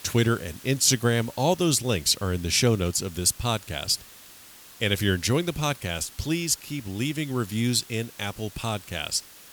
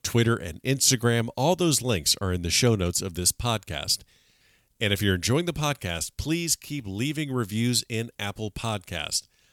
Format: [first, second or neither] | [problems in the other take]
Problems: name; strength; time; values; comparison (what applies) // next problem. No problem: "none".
second | hiss; noticeable; throughout; 20 dB below the speech